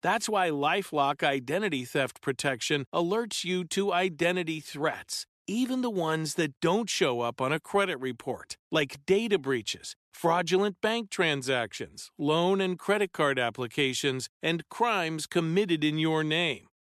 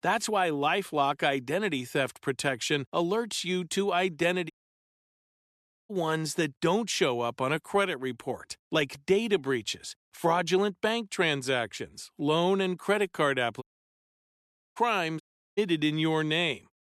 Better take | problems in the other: first | audio cutting out; at 4.5 s for 1.5 s, at 14 s for 1 s and at 15 s

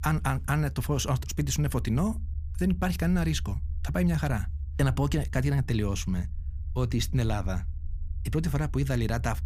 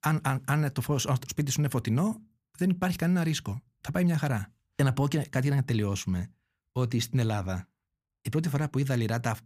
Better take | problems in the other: second | low rumble; faint; throughout; 20 dB below the speech

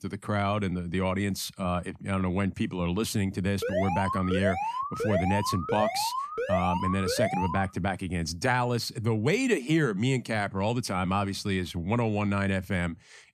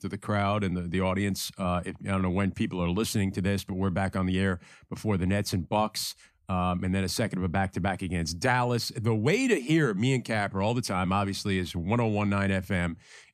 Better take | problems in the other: second | alarm; noticeable; from 3.5 to 7.5 s; peak 1 dB below the speech

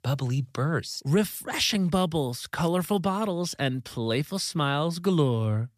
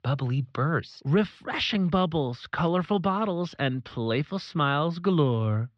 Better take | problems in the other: first | muffled; slightly; fading above 3.5 kHz

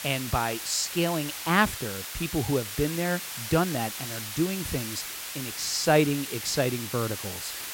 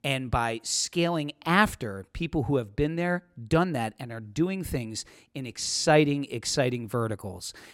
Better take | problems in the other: second | hiss; loud; throughout; 6 dB below the speech

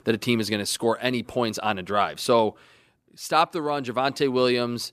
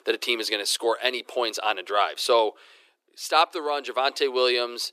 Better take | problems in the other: first | thin; very; fading below 350 Hz

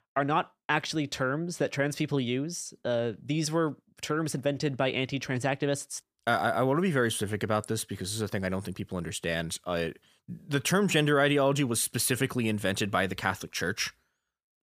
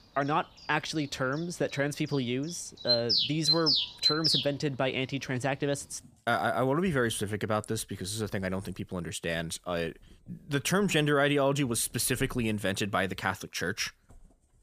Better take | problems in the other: first | animal sounds; very loud; throughout; 4 dB above the speech

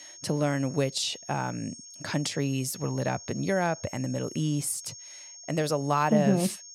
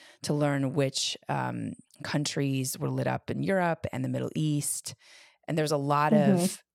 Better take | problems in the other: second | high-pitched whine; noticeable; throughout; 6.5 kHz, 15 dB below the speech

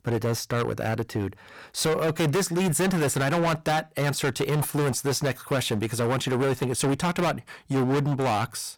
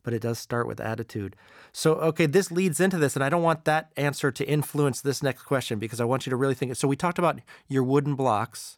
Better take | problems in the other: second | distortion; heavy; 22% of the sound clipped

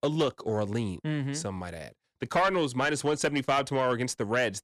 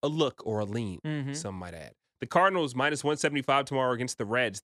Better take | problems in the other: second | distortion; slight; 10 dB below the speech

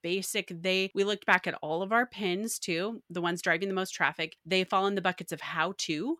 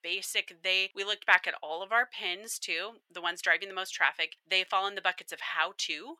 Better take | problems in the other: first | thin; very; fading below 700 Hz

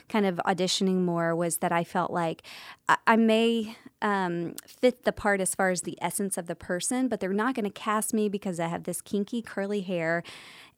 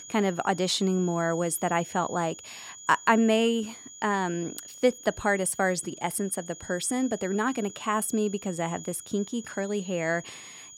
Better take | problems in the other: first | high-pitched whine; noticeable; throughout; 7 kHz, 15 dB below the speech

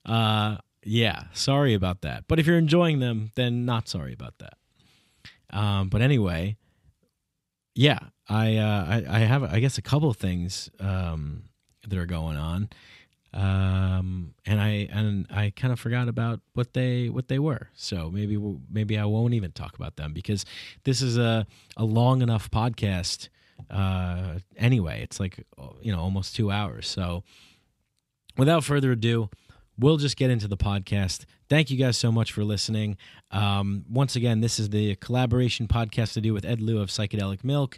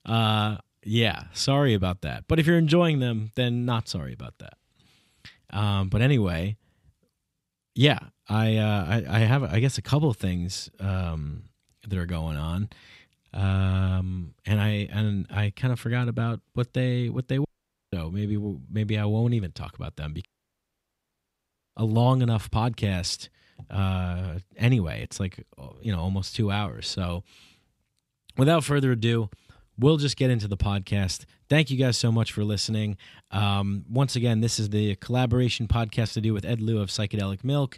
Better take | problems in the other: first | audio cutting out; at 17 s and at 20 s for 1.5 s

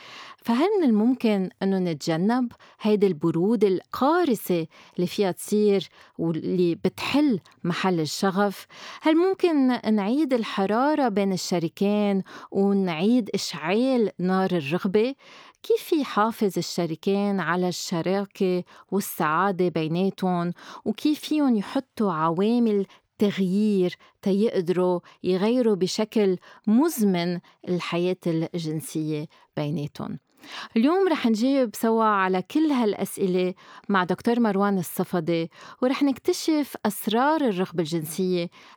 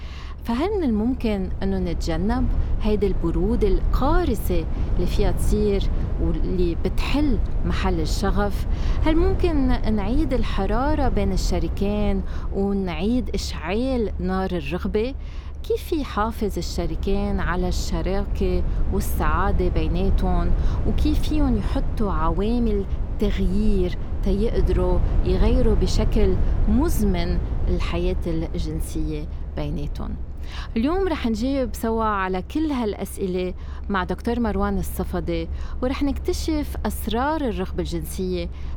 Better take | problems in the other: first | low rumble; noticeable; throughout; 15 dB below the speech

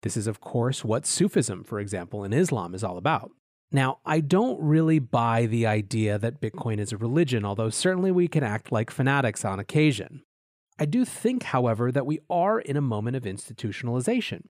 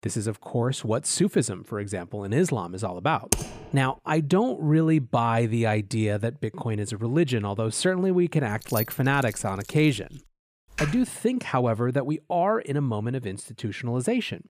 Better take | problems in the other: first | keyboard typing; noticeable; at 3.5 s and at 11 s; peak 1 dB below the speech // jangling keys; noticeable; from 8.5 to 10 s; peak 6 dB below the speech

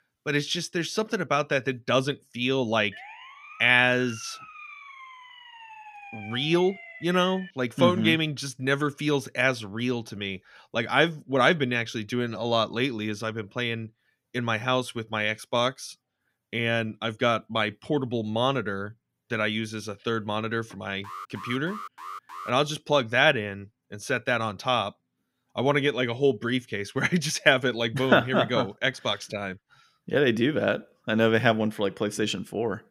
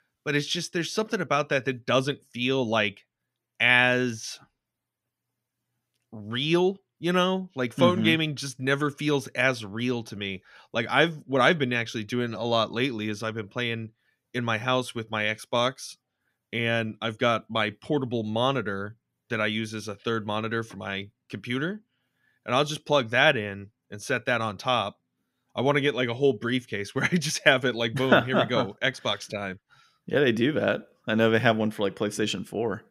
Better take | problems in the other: second | siren; faint; from 3 to 7.5 s; peak 15 dB below the speech // alarm; faint; from 21 to 23 s; peak 15 dB below the speech

